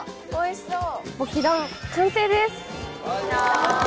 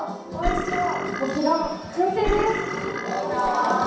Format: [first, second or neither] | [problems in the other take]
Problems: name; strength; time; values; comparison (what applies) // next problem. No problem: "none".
first | background sound (Burping, eructation); 5 dB below the speech // room echo; dies away in 0.7 s